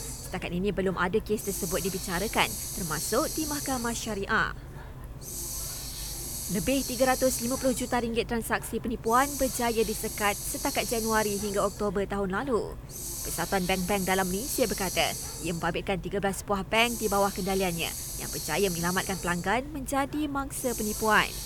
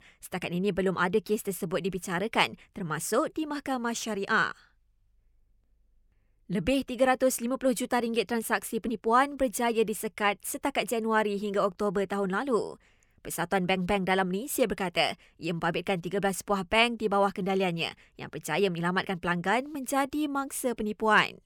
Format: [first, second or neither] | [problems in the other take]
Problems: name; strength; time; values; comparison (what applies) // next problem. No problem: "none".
second | hiss; loud; throughout; 6 dB below the speech